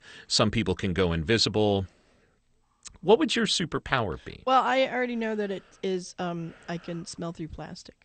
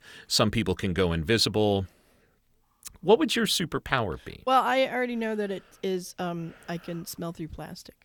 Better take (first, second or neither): second